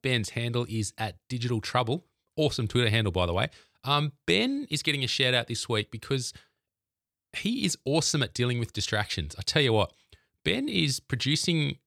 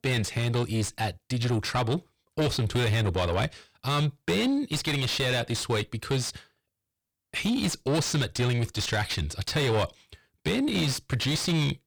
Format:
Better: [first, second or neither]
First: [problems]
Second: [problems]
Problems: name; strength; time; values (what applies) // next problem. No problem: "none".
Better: first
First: none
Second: distortion; heavy; 5 dB below the speech